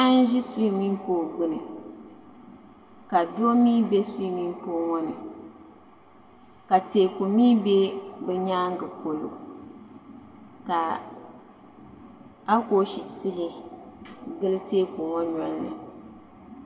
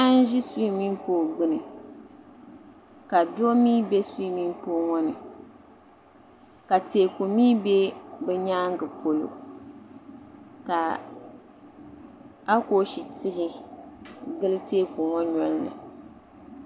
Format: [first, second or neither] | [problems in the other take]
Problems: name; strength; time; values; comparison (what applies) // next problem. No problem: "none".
second | room echo; dies away in 1.2 s